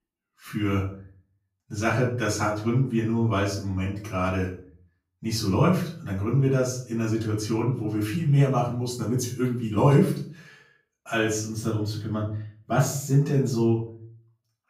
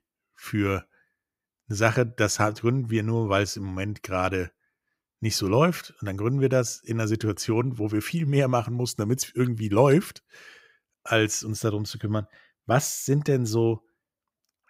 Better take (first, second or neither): second